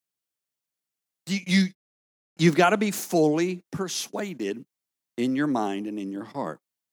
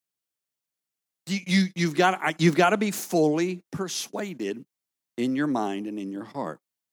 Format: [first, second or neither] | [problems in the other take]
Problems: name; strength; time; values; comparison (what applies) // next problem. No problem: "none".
second | audio cutting out; at 2 s for 0.5 s